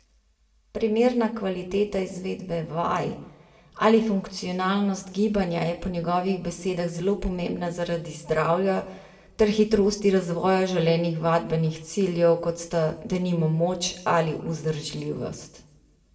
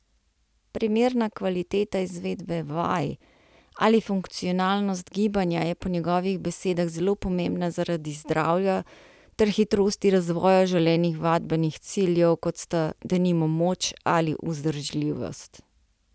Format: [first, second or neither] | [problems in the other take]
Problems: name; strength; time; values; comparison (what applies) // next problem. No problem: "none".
second | room echo; dies away in 0.6 s